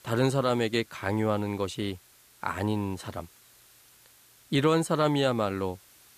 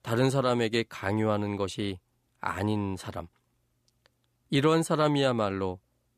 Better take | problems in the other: second | hiss; faint; throughout; 25 dB below the speech

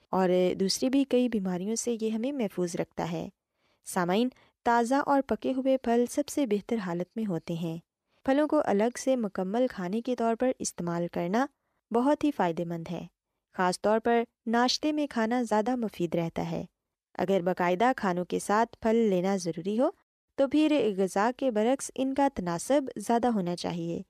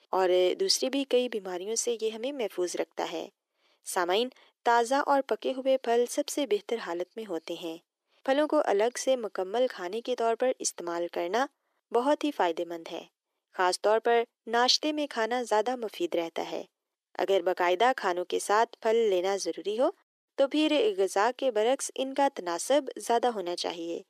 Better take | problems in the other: first | thin; somewhat; fading below 350 Hz

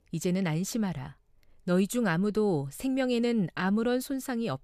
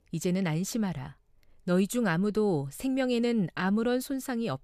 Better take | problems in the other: neither | none

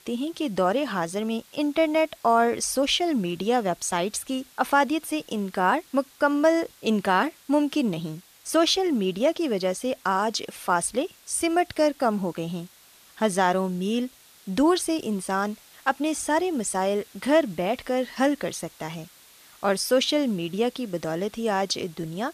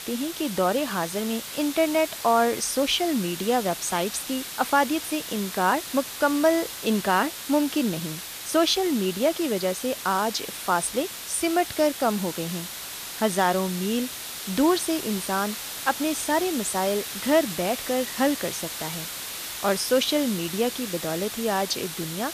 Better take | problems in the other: first | hiss; loud; throughout; 8 dB below the speech; faint in the first

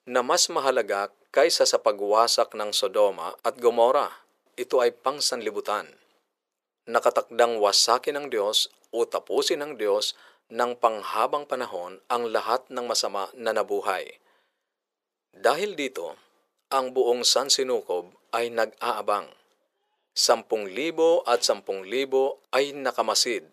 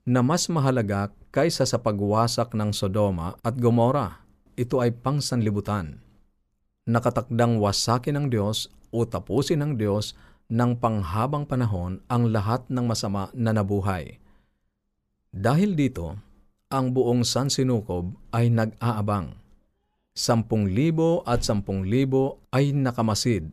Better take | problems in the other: second | thin; very; fading below 450 Hz

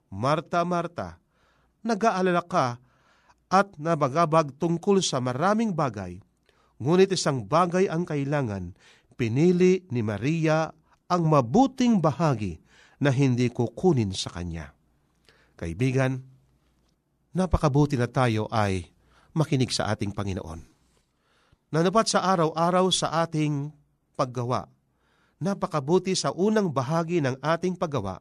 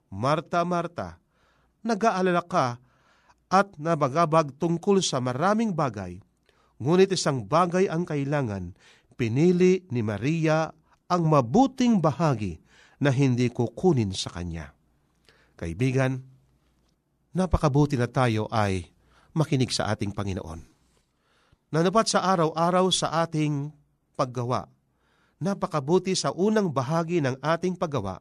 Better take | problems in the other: neither | none

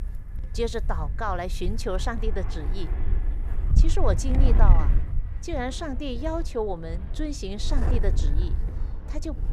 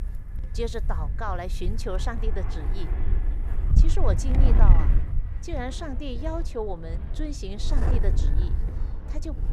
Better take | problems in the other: first | wind noise on the microphone; heavy; 7 dB below the speech; occasional gusts in the first

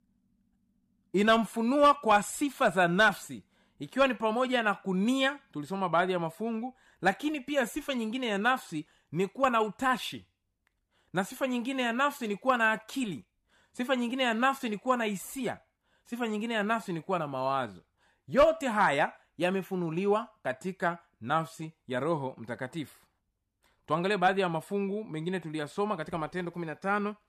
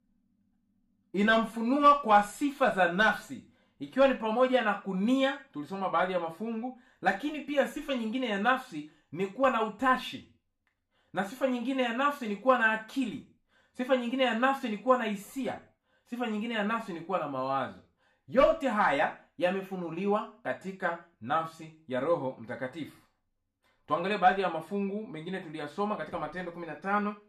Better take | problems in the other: first | room echo; slight; dies away in 0.3 s // off-mic speech; somewhat distant

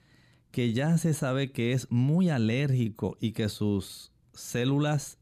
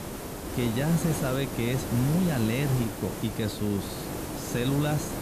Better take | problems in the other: first | hiss; loud; throughout; 6 dB below the speech

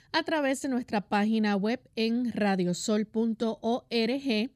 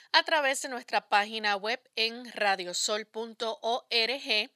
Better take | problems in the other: first | thin; very; fading below 800 Hz

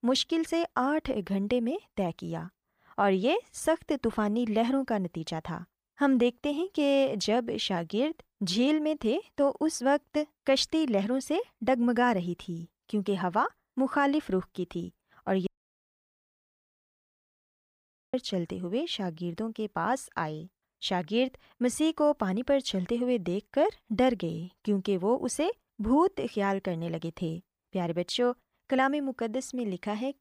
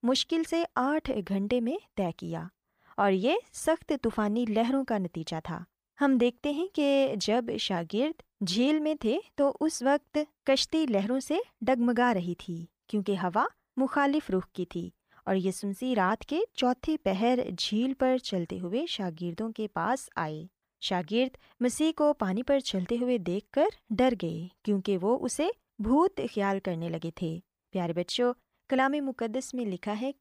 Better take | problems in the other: second | audio cutting out; at 15 s for 2.5 s

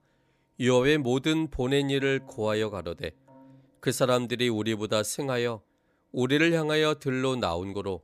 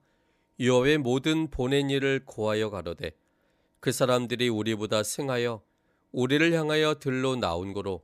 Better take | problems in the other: second | background music; faint; throughout; 30 dB below the speech

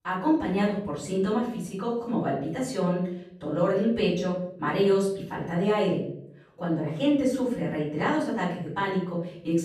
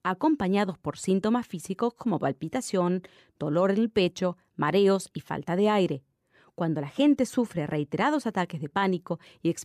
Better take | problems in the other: second | off-mic speech; far // room echo; noticeable; dies away in 0.6 s

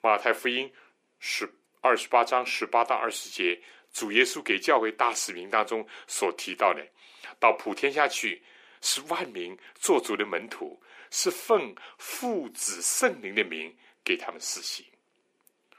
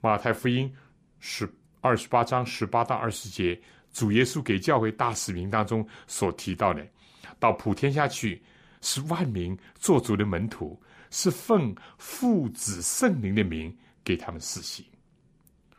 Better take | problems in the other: second | thin; very; fading below 350 Hz

